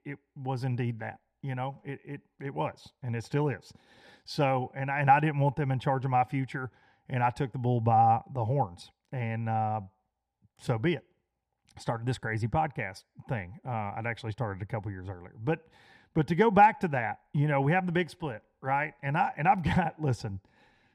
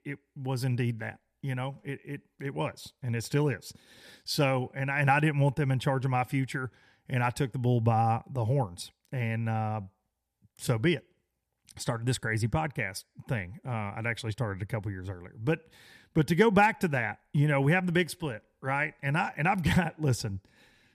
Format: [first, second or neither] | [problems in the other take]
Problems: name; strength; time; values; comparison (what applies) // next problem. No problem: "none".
second | muffled; slightly; fading above 3 kHz